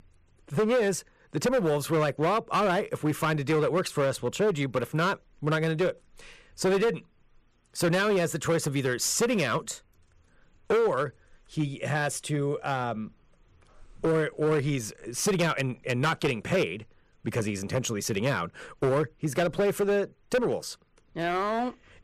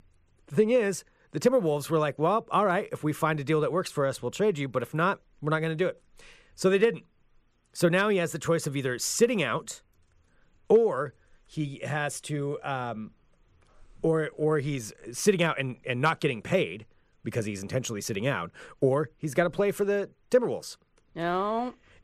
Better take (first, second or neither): second